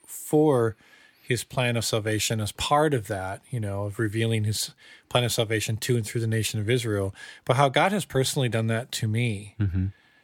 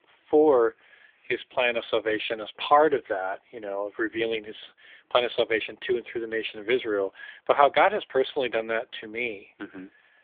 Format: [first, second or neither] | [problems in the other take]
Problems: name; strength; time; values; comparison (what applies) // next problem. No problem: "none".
first | phone-call audio; poor line; nothing above 3.5 kHz